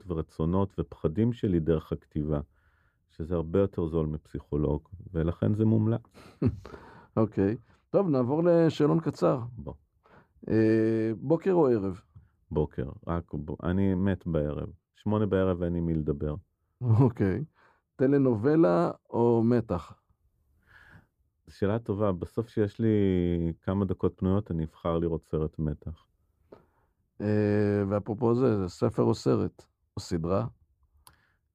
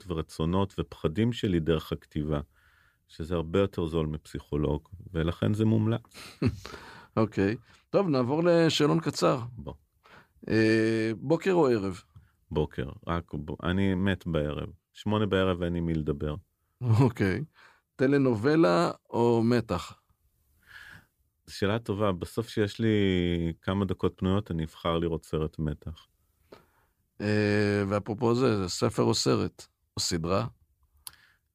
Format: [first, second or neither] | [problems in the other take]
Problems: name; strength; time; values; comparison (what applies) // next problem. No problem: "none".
second | muffled; slightly; fading above 1.5 kHz